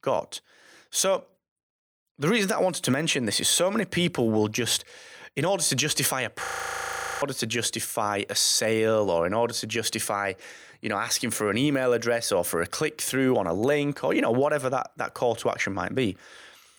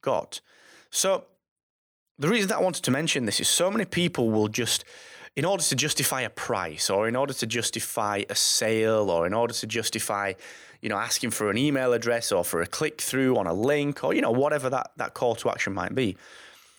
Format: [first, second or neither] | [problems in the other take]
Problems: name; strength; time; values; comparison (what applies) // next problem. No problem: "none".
second | audio freezing; at 6.5 s for 1 s